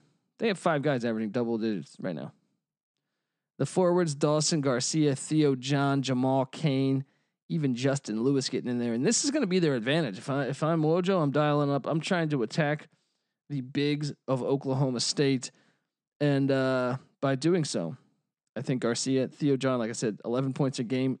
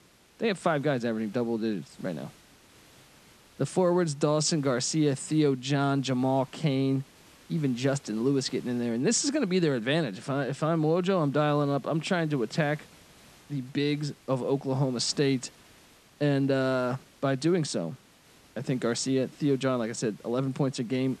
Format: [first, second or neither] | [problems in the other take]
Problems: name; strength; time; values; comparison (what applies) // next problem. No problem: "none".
first | hiss; faint; throughout; 25 dB below the speech